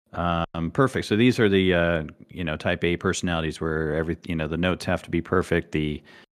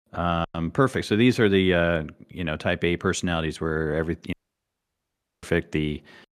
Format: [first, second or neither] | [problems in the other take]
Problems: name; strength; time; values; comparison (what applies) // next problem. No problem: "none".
first | audio cutting out; at 4.5 s for 1 s